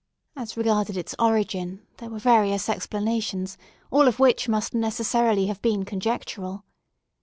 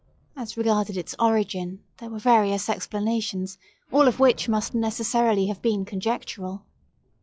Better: first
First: none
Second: noise reduction (classical method log-MMSE)

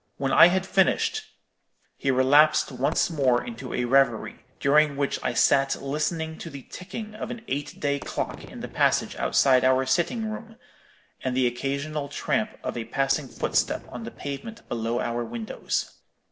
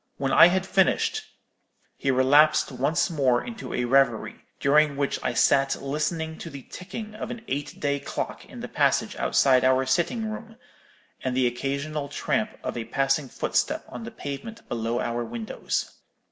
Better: second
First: noise reduction (neural separator model SepFormer DNS4)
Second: none

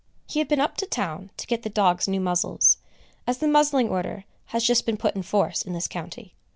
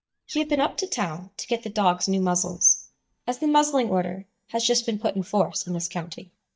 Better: first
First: none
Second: noise reduction (neural mask model DeepFilterNet 3)

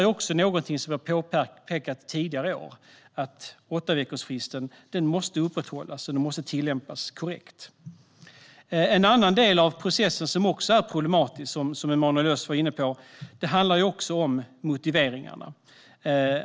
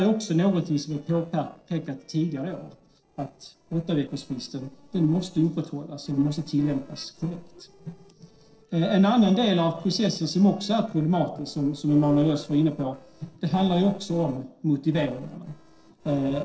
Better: first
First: none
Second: noise reduction (neural separator model SepFormer DNS4)

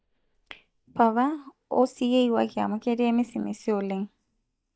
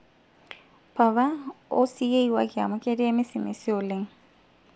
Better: second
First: noise reduction (neural mask model DeepFilterNet 3)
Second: none

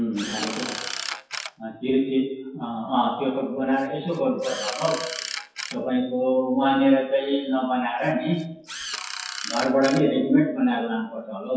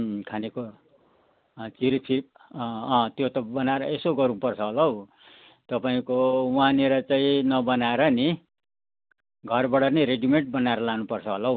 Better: second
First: noise reduction (classical method WPE with log-MMSE)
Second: none

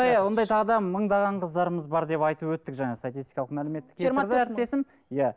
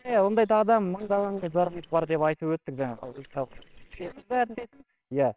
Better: first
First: none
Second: noise reduction (neural separator model SepFormer WHAMR!)

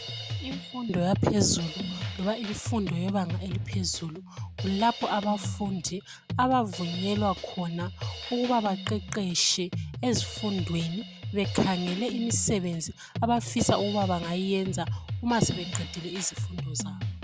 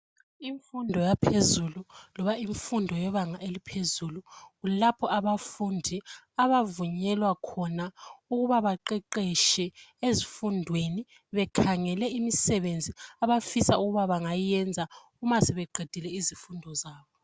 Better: second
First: background sound (Drum kit); 7 dB below the speech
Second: none

